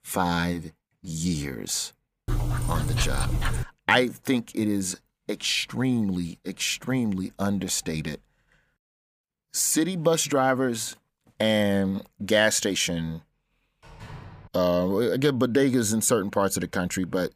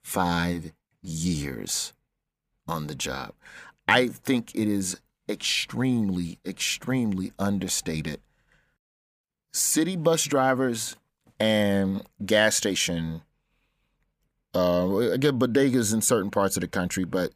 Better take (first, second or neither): second